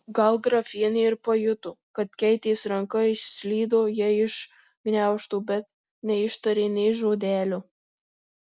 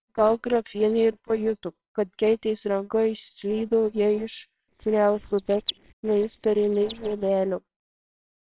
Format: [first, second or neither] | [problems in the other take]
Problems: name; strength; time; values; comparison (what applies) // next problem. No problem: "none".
first | noise reduction (neural separator model SepFormer WHAMR!)